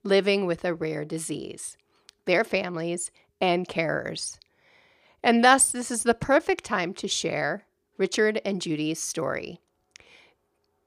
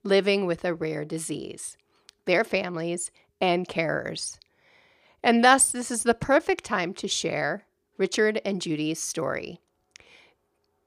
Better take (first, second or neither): neither